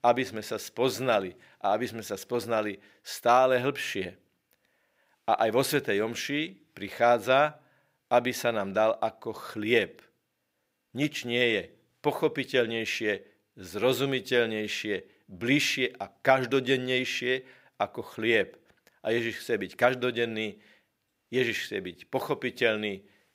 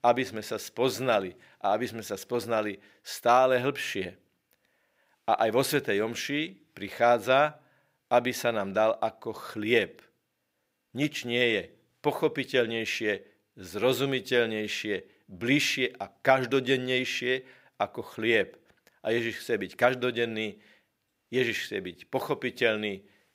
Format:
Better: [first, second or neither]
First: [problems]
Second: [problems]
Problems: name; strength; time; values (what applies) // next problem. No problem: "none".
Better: neither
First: none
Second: none